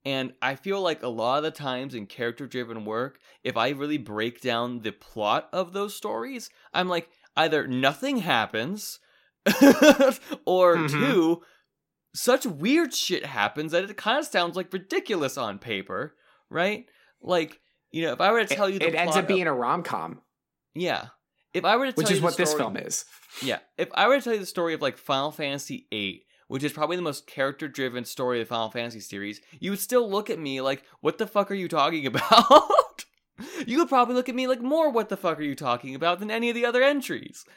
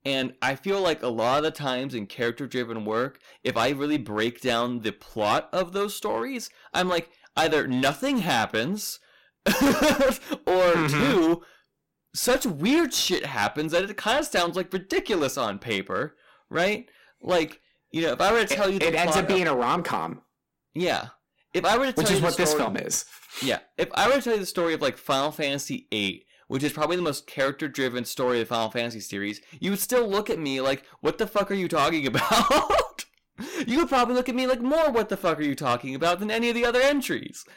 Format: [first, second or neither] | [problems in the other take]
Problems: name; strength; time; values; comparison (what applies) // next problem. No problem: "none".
first | distortion; heavy; 10% of the sound clipped